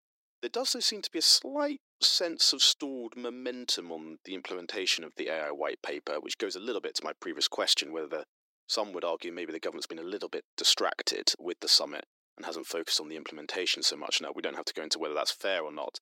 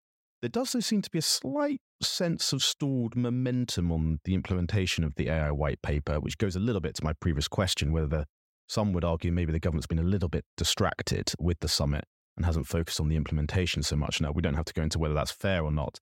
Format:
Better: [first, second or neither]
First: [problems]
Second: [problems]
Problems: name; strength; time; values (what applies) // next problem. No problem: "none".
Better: second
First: thin; very; fading below 300 Hz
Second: none